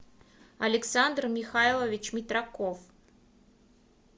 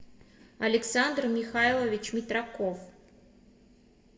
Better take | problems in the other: first | room echo; dies away in 0.9 s

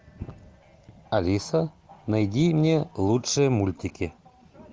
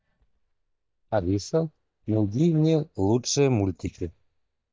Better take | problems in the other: first | noise reduction (neural mask model DeepFilterNet 3)

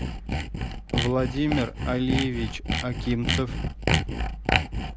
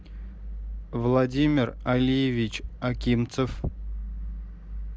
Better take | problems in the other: second | background sound (Sawing); 1 dB above the speech

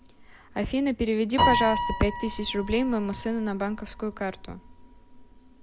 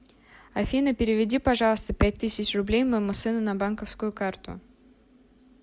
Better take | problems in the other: second | background sound (Piano); 4 dB below the speech

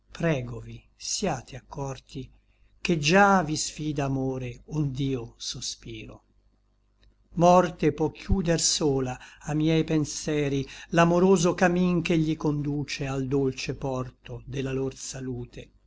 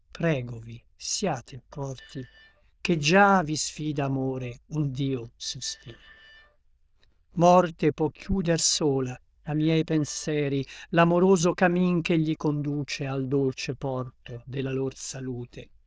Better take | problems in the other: first | noise reduction (neural diffusion model UNIVERSE++)

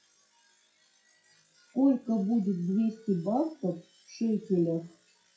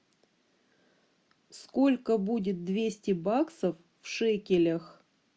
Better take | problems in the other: second | noise reduction (classical method WPE with log-MMSE)

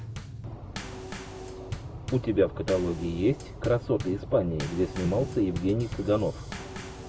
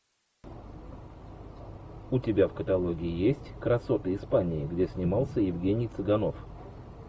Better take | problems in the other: second | background sound (Bass drum / Snare drum / Drum kit); 11 dB below the speech

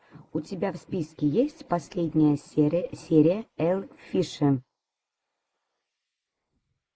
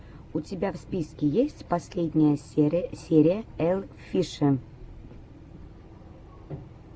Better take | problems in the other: second | noise reduction (neural mask model Resemble Enhance denoiser)

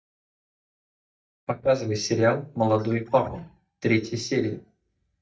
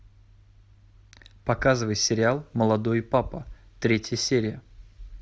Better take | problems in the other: second | noise reduction (neural mask model DeepFilterNet 3)

